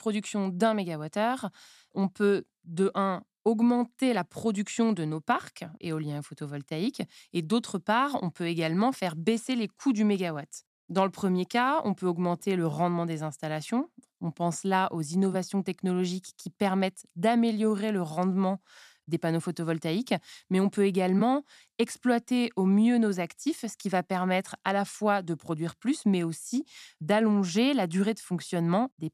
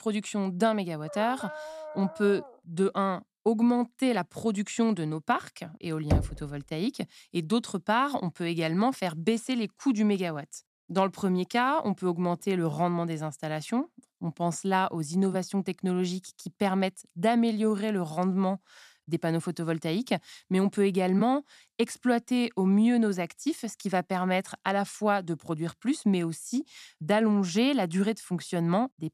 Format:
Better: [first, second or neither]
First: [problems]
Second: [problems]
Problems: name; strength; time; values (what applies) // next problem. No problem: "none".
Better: first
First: none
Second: dog barking; faint; from 1 to 2.5 s; peak 10 dB below the speech // door banging; noticeable; at 6 s; peak level with the speech